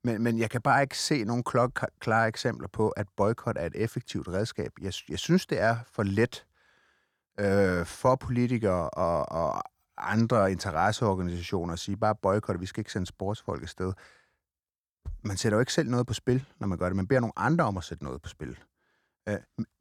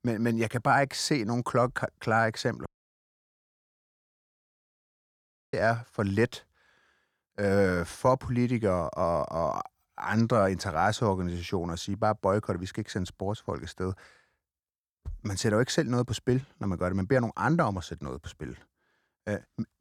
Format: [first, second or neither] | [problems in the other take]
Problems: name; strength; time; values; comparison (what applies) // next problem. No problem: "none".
first | audio cutting out; at 2.5 s for 3 s